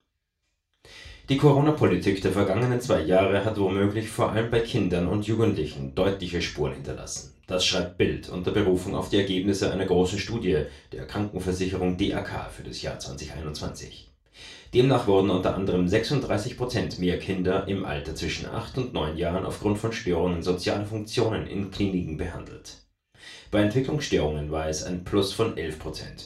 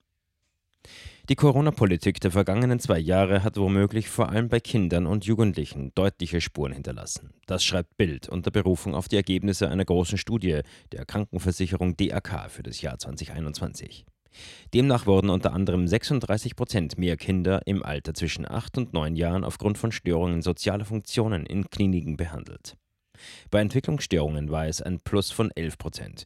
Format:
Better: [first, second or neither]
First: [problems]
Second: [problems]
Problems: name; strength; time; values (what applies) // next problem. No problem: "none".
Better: second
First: room echo; slight; dies away in 0.3 s // off-mic speech; far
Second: none